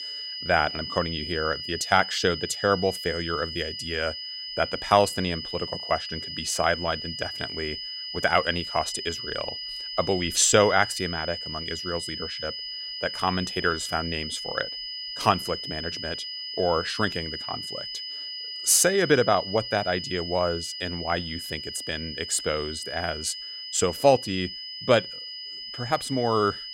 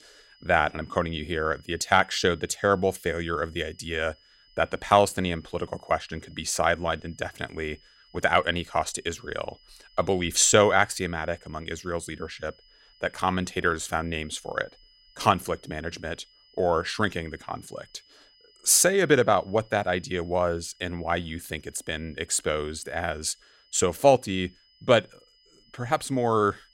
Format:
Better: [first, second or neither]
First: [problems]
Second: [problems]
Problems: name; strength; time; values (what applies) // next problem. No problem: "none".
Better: second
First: high-pitched whine; loud; throughout; 5 kHz, 7 dB below the speech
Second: high-pitched whine; faint; throughout; 5 kHz, 30 dB below the speech